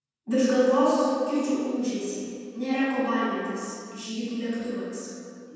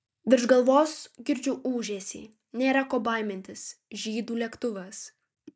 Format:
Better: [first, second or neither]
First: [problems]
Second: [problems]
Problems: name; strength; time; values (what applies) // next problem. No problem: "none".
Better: second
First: room echo; dies away in 2 s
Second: none